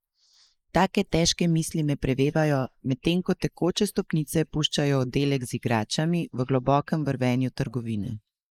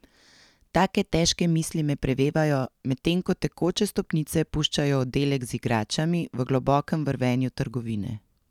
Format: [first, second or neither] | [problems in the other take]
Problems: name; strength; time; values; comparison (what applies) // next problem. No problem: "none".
second | noise reduction (neural mask model Resemble Enhance denoiser)